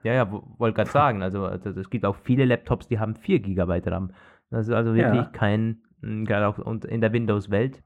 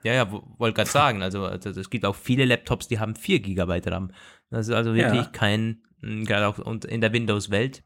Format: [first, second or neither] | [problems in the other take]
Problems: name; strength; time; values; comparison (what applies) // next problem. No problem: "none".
second | muffled; very; fading above 3 kHz